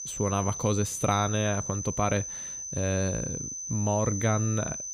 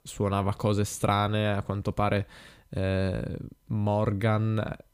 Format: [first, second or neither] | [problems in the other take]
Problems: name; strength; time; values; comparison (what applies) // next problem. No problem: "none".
second | high-pitched whine; loud; throughout; 6 kHz, 5 dB below the speech